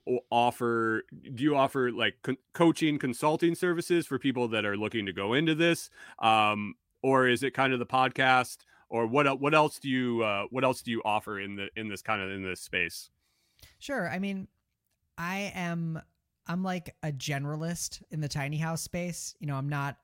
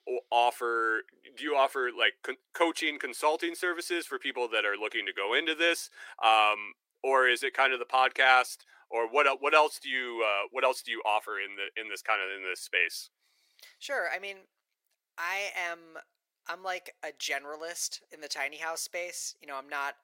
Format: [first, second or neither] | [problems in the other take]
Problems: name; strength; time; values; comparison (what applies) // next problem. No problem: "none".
first | thin; very; fading below 400 Hz